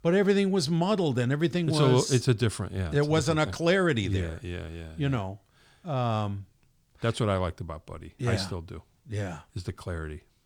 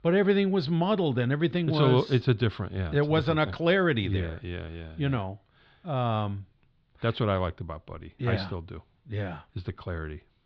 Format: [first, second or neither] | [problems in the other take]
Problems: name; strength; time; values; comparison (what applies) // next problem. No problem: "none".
first | muffled; slightly; fading above 4 kHz